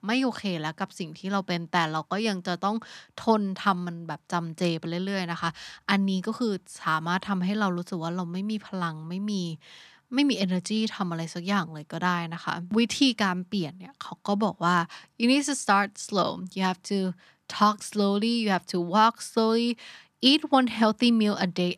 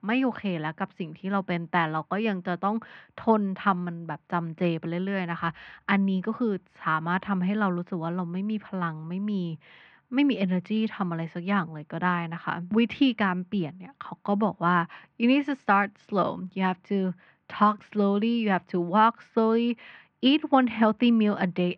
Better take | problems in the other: first | muffled; very; fading above 2.5 kHz

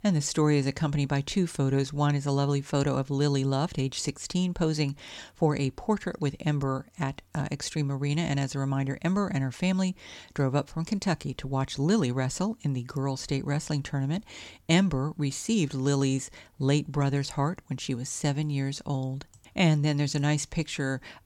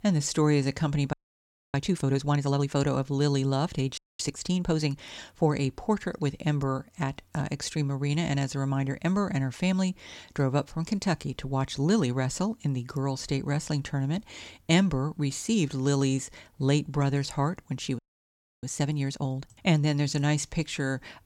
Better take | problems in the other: first | audio freezing; at 1 s for 0.5 s, at 4 s and at 18 s for 0.5 s

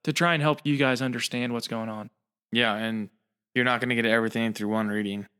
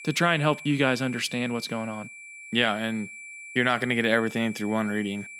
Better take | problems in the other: first | high-pitched whine; noticeable; throughout; 2.5 kHz, 15 dB below the speech

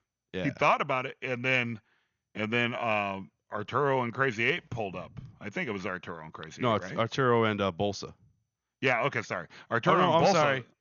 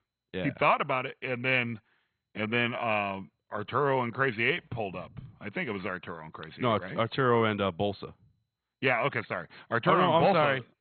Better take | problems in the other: first | garbled, watery; badly; nothing above 4 kHz; slightly in the first

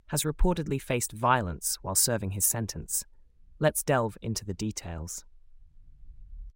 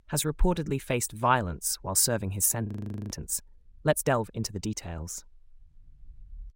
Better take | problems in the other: first | audio freezing; at 2.5 s

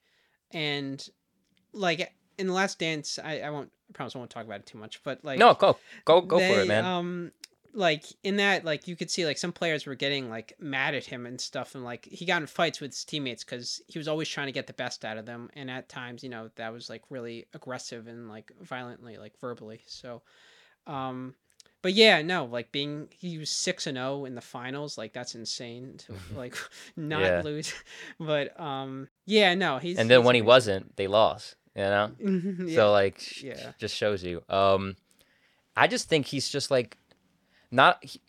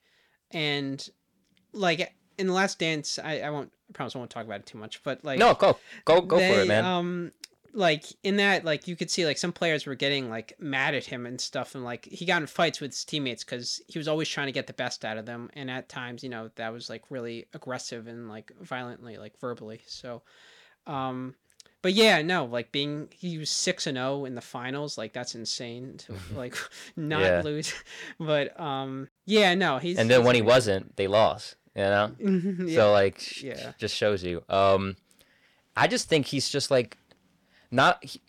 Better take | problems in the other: first | distortion; slight; 10 dB below the speech

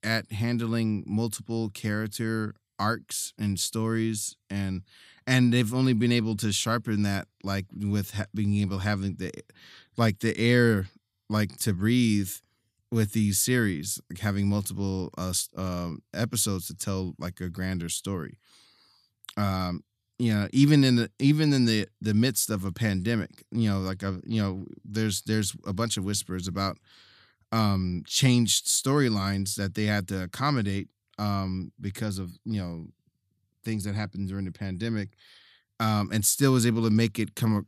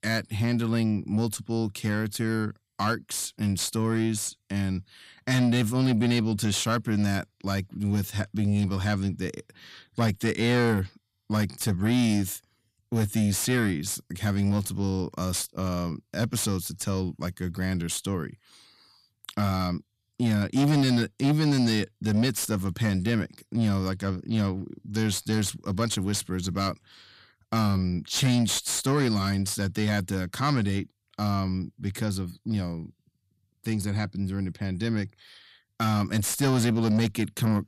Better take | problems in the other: first | distortion; slight; 10 dB below the speech

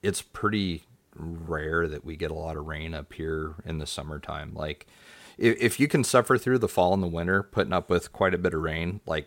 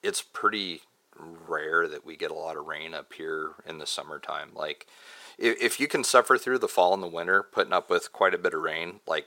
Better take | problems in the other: first | thin; somewhat; fading below 450 Hz

